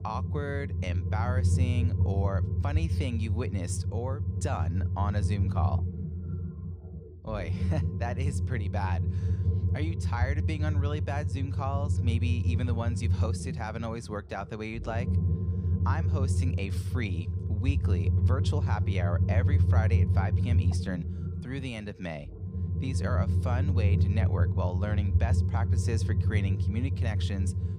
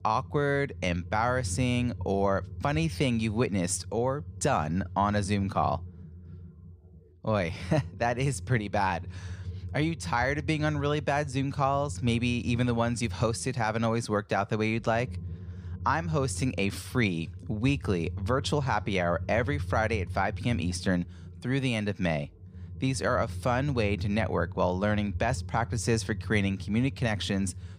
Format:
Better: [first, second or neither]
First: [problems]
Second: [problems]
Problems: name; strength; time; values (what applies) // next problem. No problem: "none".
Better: second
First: low rumble; loud; throughout; 5 dB below the speech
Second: low rumble; faint; throughout; 25 dB below the speech